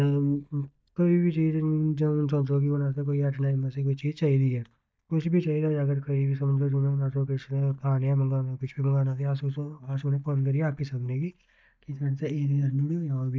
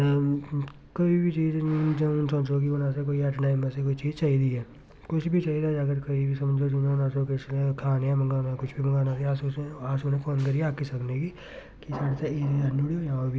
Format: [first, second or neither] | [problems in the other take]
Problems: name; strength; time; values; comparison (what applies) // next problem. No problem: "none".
second | noise reduction (neural mask model DeepFilterNet 3)